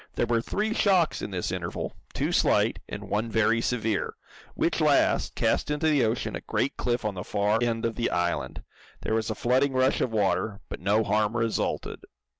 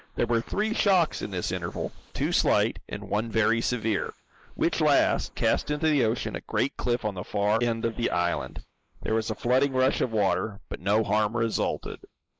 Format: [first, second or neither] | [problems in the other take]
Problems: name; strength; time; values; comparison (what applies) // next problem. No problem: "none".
first | noise reduction (neural mask model Resemble Enhance denoiser)